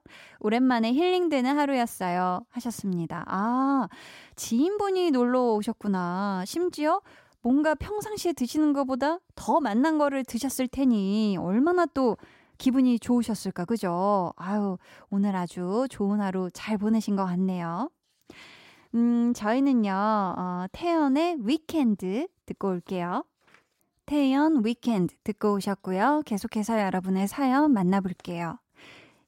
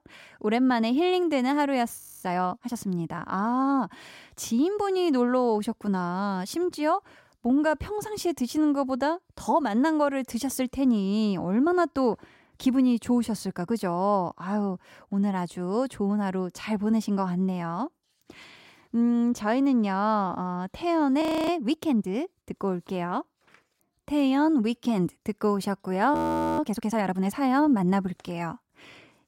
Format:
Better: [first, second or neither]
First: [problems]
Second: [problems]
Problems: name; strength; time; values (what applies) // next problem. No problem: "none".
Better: first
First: none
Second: audio freezing; at 2 s, at 21 s and at 26 s